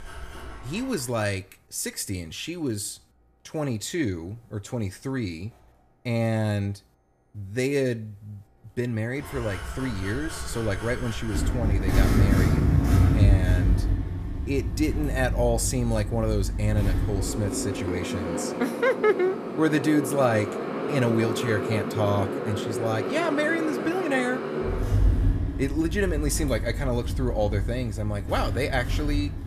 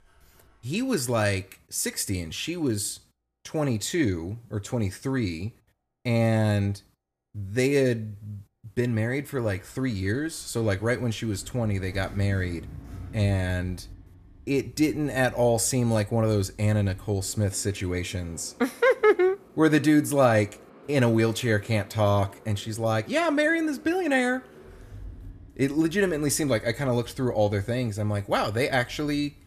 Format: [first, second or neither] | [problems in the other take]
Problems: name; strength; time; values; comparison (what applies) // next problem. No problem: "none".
second | traffic noise; loud; throughout; as loud as the speech; faint in the second